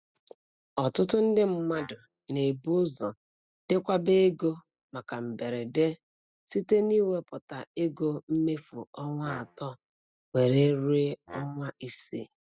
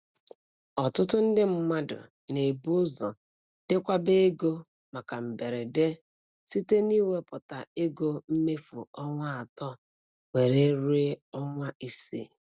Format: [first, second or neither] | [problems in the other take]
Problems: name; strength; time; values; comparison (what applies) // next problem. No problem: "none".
second | noise reduction (classical method spectral subtraction)